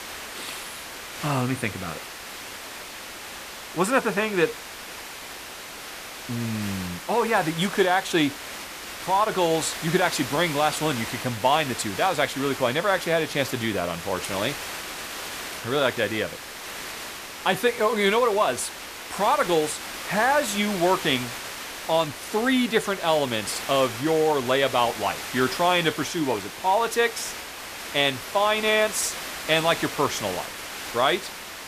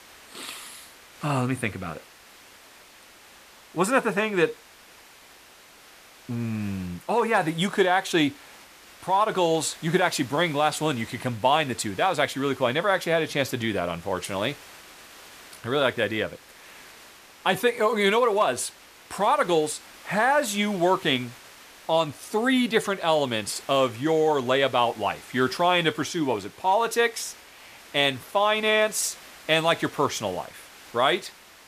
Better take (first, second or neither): second